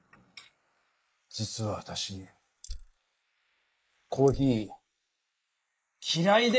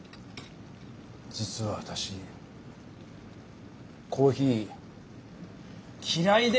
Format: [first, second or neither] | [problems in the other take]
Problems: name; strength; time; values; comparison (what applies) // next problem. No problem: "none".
second | noise reduction (neural mask model Resemble Enhance denoiser)